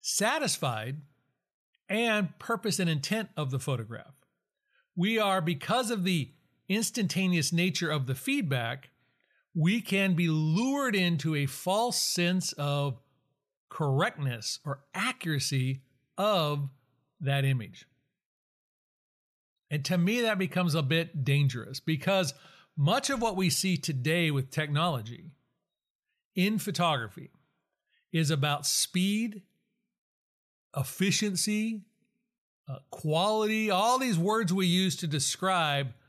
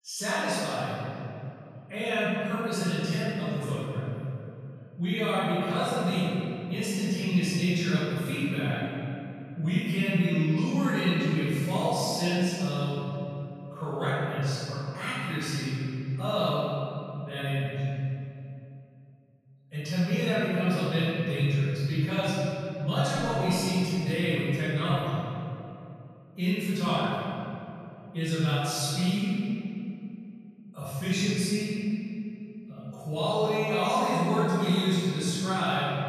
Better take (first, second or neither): first